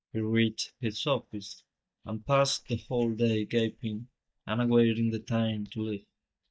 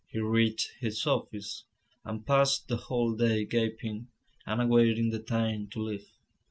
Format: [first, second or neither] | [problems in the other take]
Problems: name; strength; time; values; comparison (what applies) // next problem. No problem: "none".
second | noise reduction (neural mask model DeepFilterNet 3)